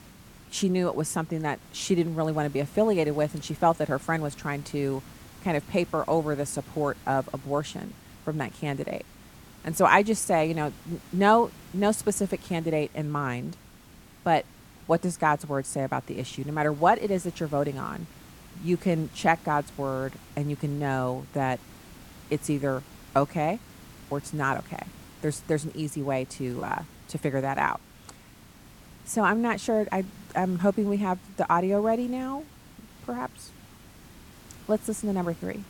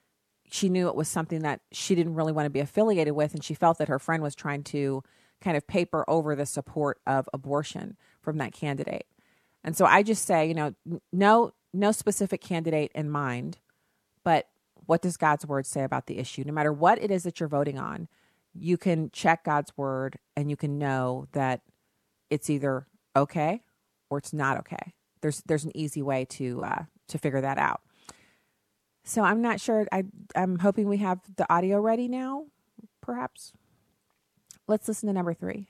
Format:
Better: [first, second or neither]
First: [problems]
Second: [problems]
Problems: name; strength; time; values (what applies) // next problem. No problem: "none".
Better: second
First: hiss; faint; throughout; 20 dB below the speech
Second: none